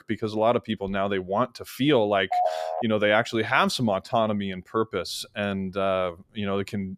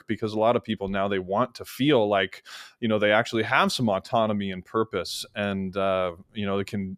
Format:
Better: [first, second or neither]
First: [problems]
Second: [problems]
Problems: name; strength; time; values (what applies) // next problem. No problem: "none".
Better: second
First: phone ringing; noticeable; at 2.5 s; peak level with the speech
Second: none